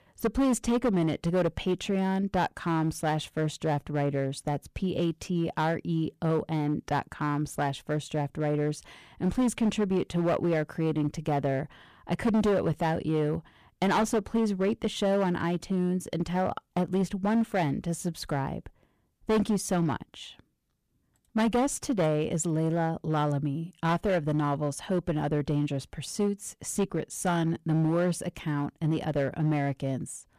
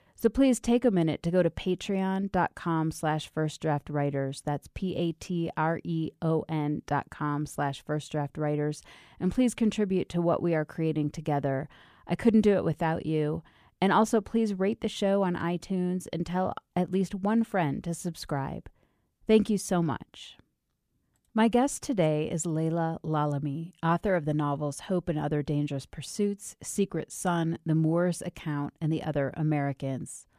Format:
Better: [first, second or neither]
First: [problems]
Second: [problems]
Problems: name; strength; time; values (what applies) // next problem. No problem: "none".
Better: second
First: distortion; slight; 7% of the sound clipped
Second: none